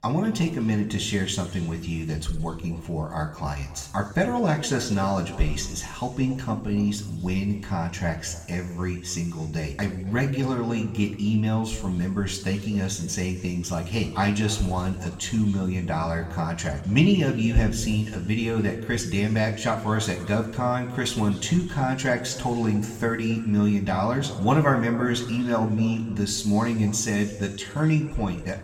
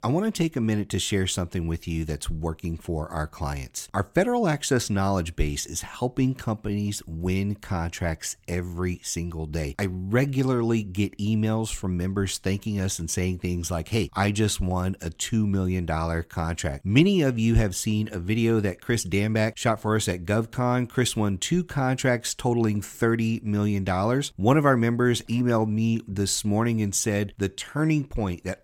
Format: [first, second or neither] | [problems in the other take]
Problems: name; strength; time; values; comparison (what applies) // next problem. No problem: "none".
second | room echo; slight; dies away in 1.9 s // off-mic speech; somewhat distant